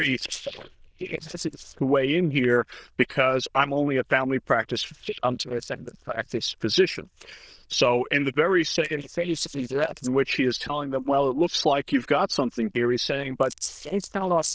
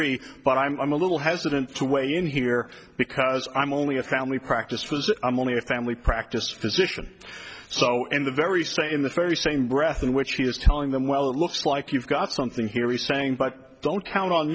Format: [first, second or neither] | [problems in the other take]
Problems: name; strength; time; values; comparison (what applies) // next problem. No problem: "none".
second | noise reduction (neural diffusion model UNIVERSE++)